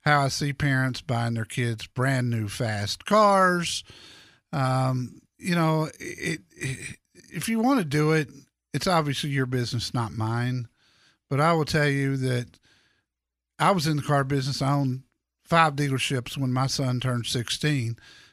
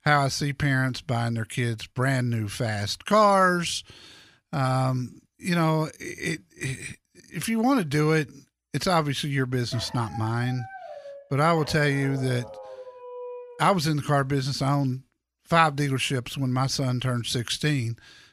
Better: first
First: none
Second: dog barking; faint; from 9.5 to 14 s; peak 15 dB below the speech

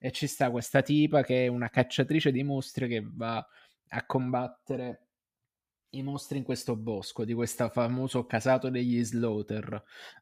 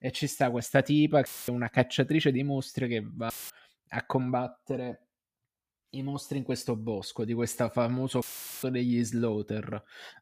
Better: first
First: none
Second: audio cutting out; filled with static; at 1.5 s, at 3.5 s and at 8 s

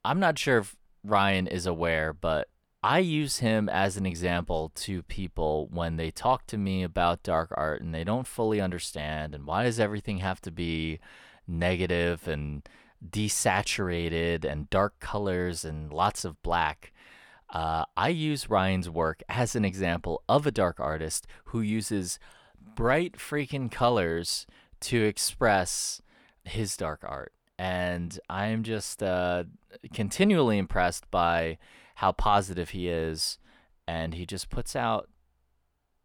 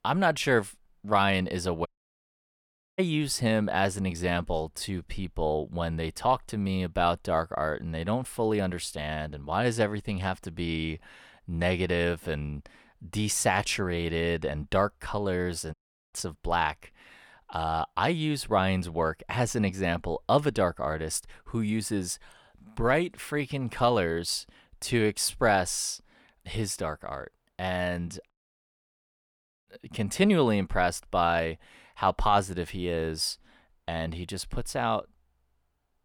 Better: first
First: none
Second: audio cutting out; at 2 s for 1 s, at 16 s and at 28 s for 1.5 s

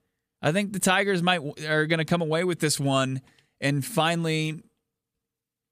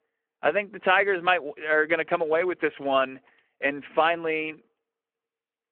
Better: first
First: none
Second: phone-call audio

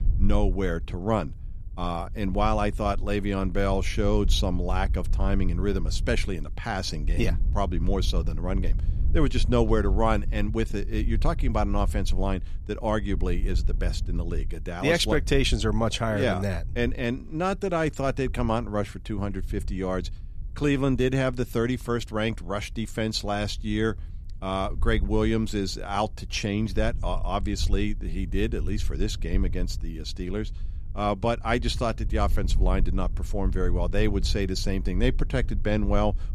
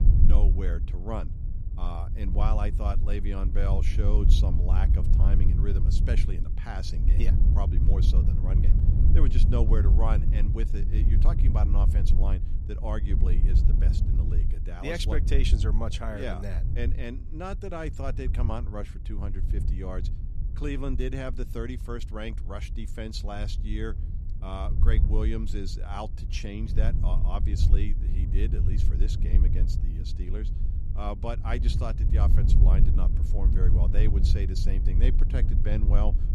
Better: first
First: low rumble; faint; throughout; 20 dB below the speech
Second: low rumble; loud; throughout; 5 dB below the speech

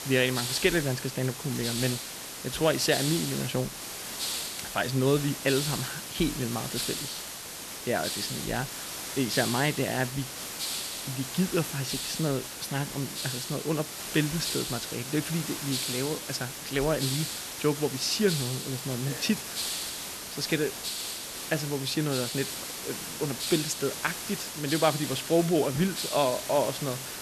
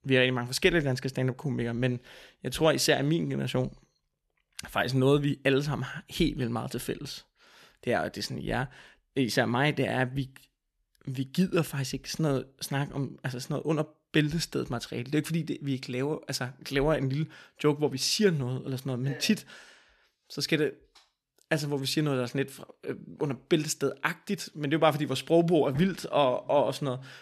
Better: second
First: hiss; loud; throughout; 4 dB below the speech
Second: none

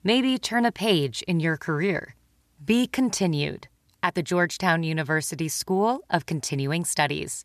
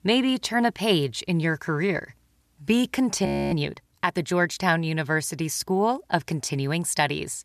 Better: first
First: none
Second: audio freezing; at 3.5 s

